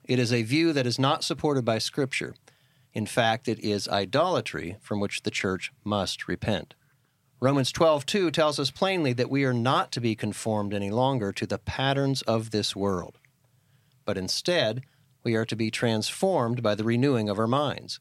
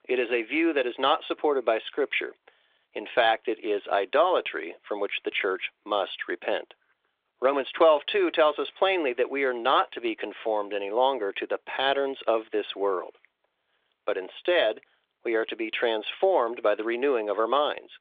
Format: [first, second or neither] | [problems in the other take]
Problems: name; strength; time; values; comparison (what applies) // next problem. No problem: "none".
first | phone-call audio; nothing above 3.5 kHz